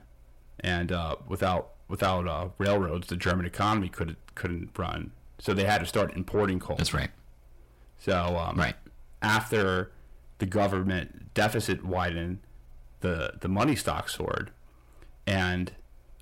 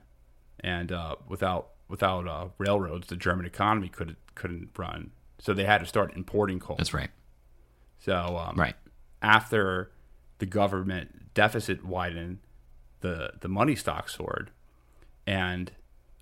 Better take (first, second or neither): second